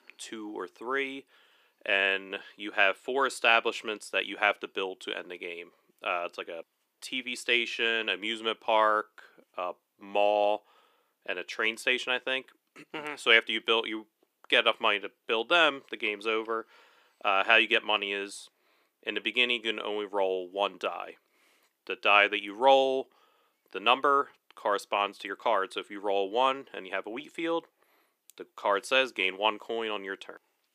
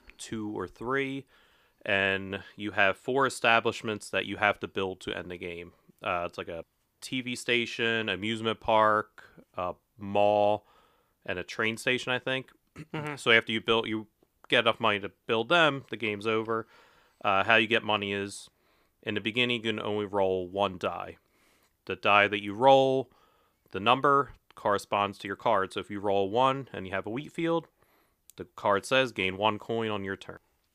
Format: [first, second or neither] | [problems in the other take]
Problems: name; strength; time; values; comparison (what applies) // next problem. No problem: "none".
second | thin; somewhat; fading below 300 Hz